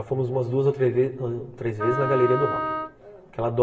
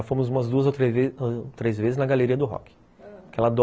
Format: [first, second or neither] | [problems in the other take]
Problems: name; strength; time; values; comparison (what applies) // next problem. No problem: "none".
second | background sound (Wind instrument, woodwind instrument); 6 dB below the speech // room echo; dies away in 1.2 s